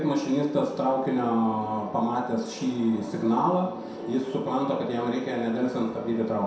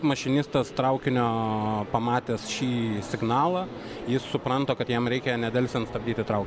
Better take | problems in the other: second | room echo; dies away in 0.7 s

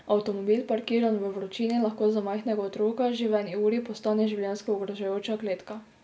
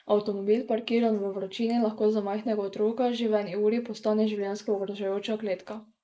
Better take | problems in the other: first | noise reduction (neural mask model Resemble Enhance denoiser)

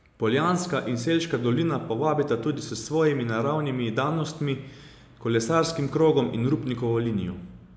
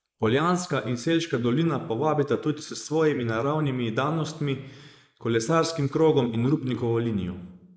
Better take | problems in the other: first | noise reduction (neural mask model Resemble Enhance denoiser)

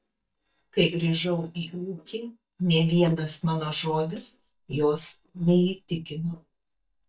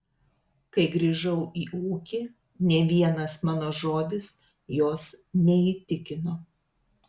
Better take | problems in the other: second | noise reduction (neural mask model DeepFilterNet 3)

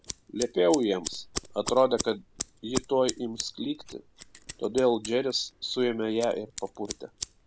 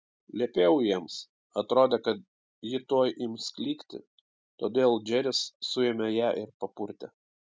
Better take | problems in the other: second | background sound (Scissors); 11 dB below the speech

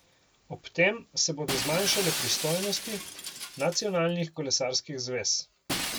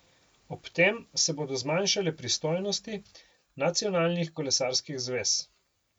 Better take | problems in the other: second | background sound (Shatter); 6 dB below the speech

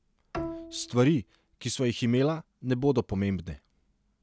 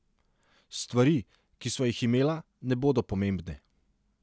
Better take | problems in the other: second | background sound (Bowed string instrument); 12 dB below the speech

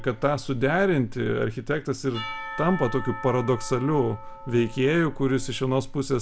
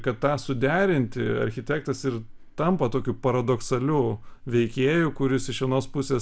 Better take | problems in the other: second | background sound (Church bell / Percussion); 16 dB below the speech

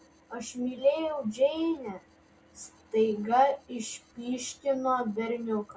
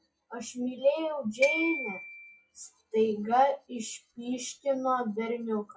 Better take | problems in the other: first | noise reduction (classical method log-MMSE)

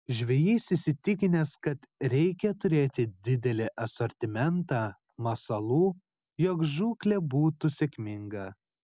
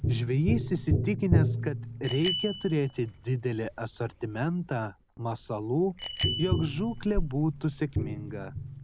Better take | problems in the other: first | background sound (Bicycle bell + Tap); 2 dB below the speech

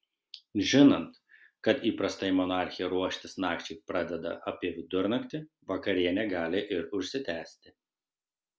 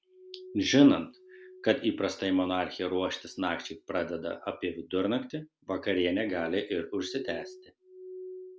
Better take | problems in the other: first | background sound (Glass); 20 dB below the speech

